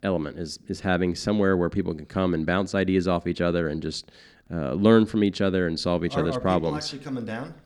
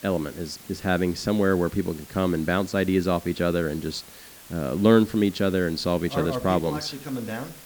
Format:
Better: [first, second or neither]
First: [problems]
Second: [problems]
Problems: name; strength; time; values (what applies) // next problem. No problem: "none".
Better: first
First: none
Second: hiss; noticeable; throughout; 20 dB below the speech